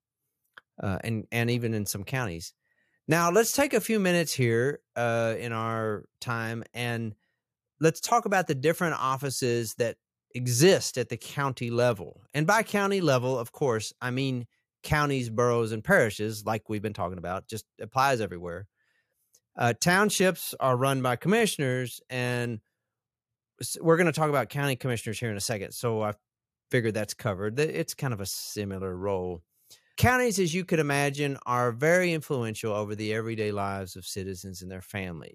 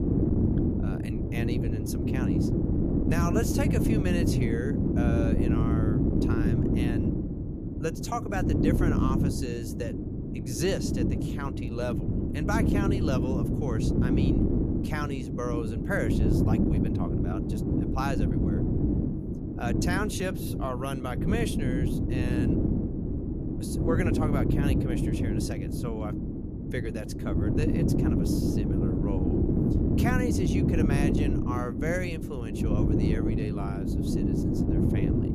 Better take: first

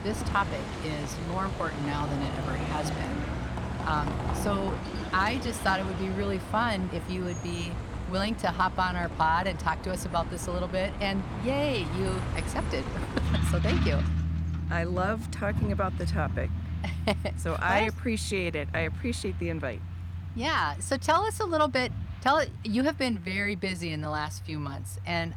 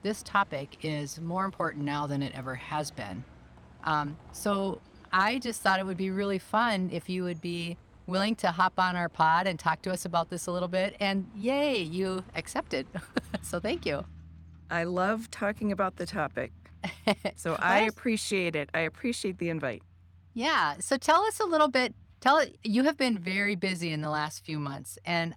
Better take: second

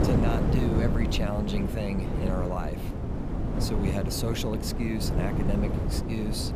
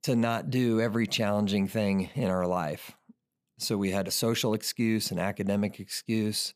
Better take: second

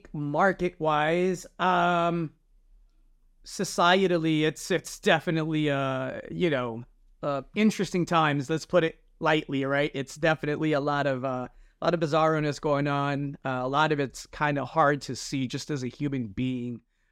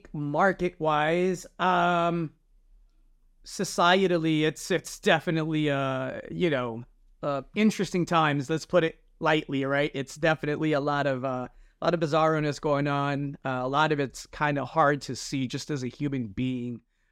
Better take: neither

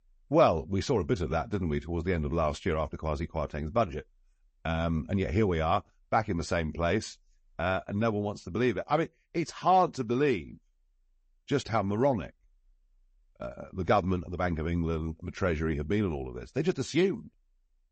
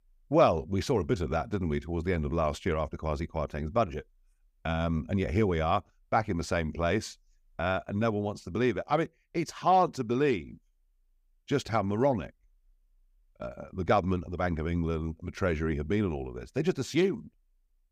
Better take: second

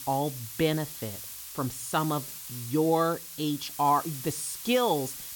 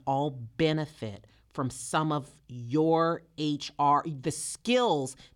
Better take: second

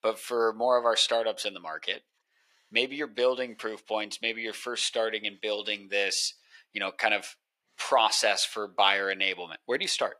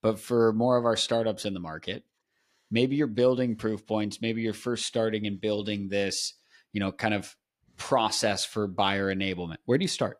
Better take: second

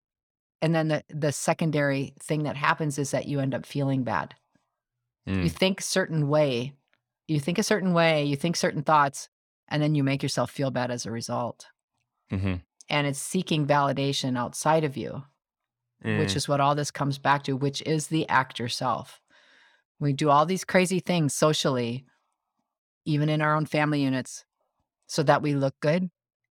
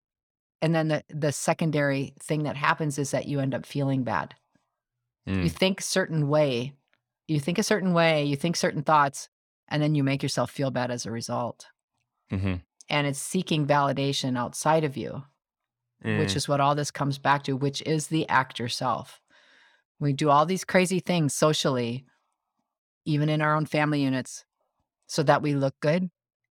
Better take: neither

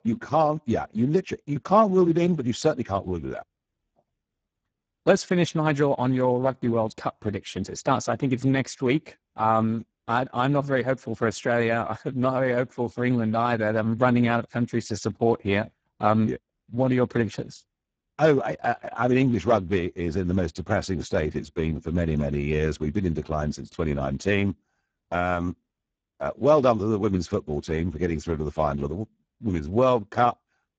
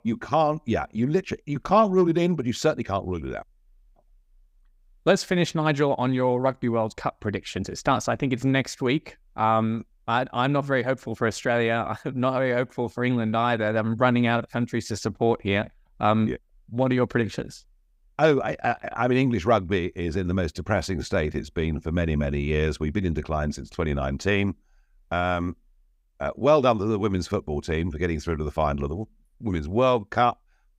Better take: second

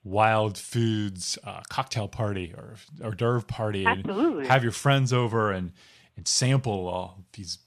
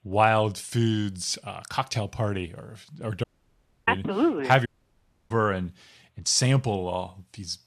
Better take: first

